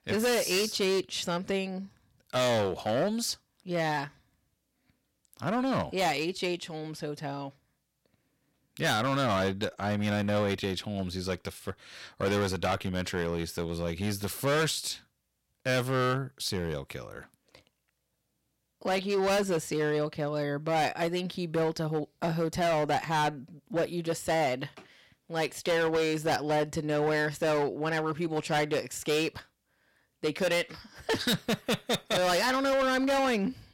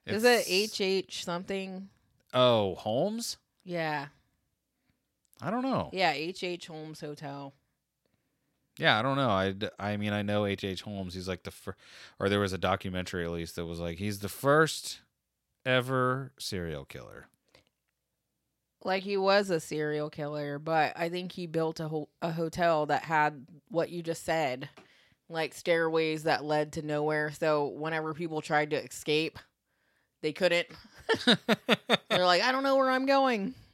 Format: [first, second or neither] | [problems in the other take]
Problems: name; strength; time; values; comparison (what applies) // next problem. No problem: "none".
second | distortion; heavy; 12% of the sound clipped